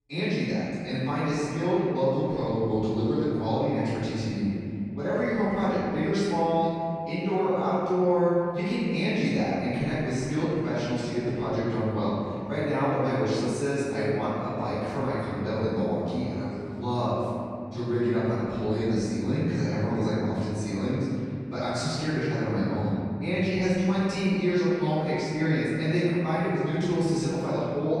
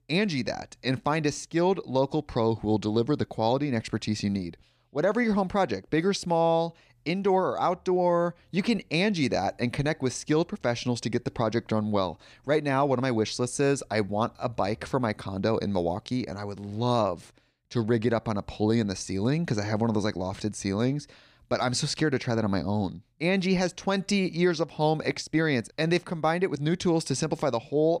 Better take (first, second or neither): second